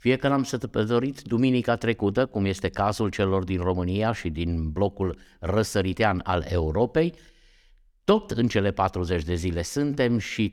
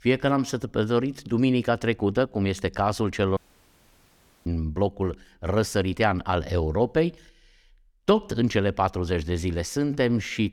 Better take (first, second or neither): first